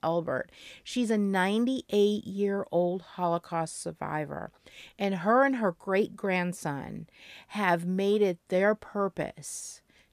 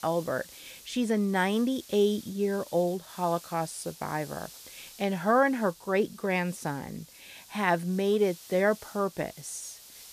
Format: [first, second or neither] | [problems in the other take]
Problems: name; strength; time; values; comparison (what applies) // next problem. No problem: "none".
first | hiss; noticeable; throughout; 20 dB below the speech